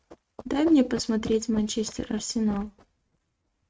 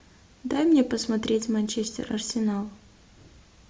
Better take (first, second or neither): second